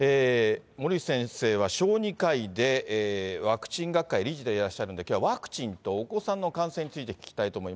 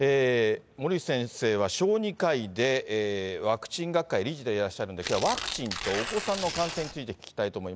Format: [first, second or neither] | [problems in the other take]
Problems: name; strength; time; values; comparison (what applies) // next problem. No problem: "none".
first | background sound (Tearing); 7 dB below the speech